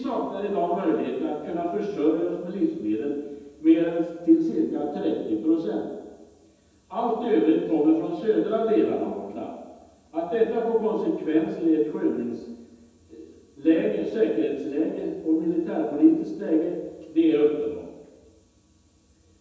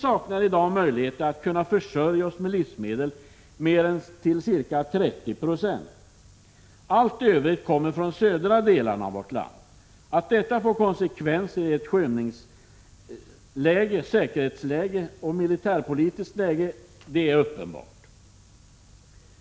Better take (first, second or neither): second